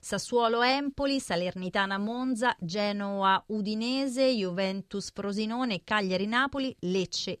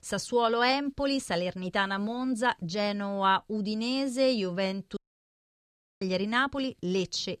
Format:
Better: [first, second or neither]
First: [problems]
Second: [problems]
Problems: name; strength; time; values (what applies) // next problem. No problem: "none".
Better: first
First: none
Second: audio cutting out; at 5 s for 1 s